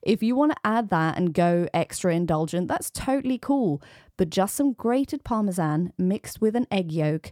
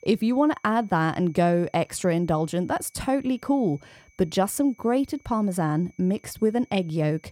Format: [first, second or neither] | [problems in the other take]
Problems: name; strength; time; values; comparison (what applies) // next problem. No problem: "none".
first | high-pitched whine; faint; throughout; 2.5 kHz, 35 dB below the speech